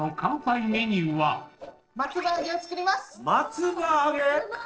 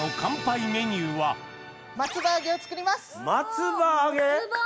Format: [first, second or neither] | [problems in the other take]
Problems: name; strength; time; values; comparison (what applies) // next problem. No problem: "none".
second | noise reduction (neural separator model SepFormer DNS4)